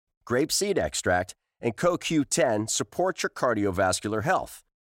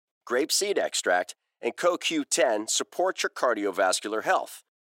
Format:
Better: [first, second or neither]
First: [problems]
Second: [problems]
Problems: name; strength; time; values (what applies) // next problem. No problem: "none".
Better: first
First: none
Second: thin; somewhat; fading below 350 Hz